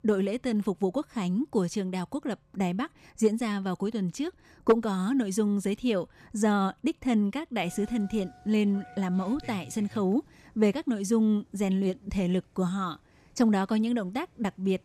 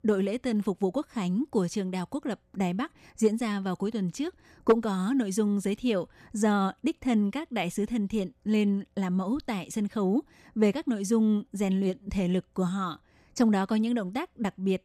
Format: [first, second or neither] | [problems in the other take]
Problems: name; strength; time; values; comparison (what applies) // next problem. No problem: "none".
second | traffic noise; faint; throughout; 25 dB below the speech